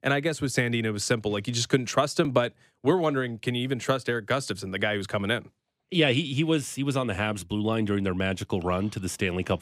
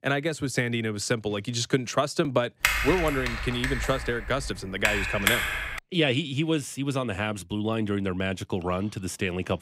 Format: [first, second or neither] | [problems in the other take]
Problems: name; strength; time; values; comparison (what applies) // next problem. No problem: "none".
first | keyboard typing; loud; from 2.5 to 6 s; peak 4 dB above the speech